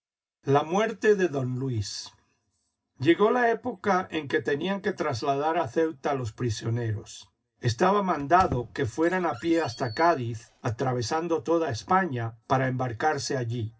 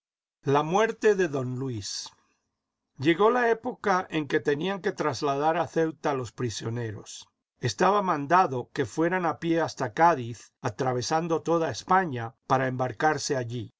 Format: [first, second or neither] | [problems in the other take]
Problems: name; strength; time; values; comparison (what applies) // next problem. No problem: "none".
second | background sound (Squeak); 16 dB below the speech // room echo; dies away in 0.4 s